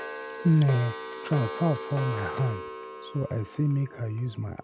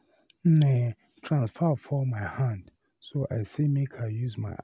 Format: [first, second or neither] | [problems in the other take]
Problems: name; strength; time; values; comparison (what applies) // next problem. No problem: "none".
second | background sound (Clock); 10 dB below the speech